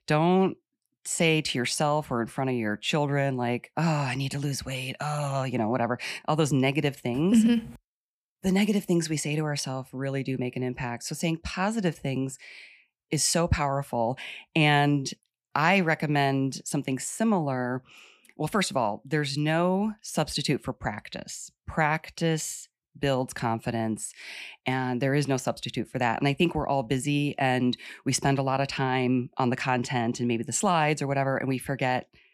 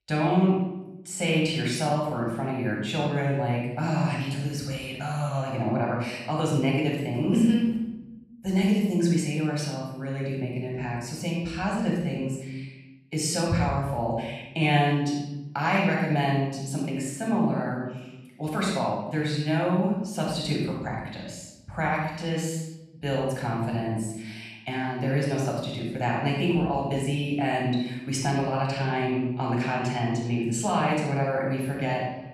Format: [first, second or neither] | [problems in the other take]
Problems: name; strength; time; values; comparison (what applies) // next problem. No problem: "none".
first | off-mic speech; far // room echo; noticeable; dies away in 0.9 s